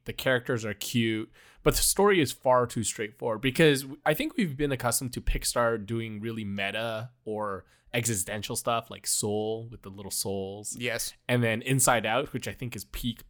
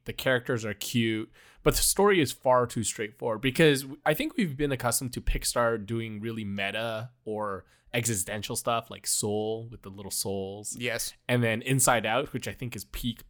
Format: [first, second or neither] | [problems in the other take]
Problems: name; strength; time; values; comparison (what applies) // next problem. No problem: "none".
neither | none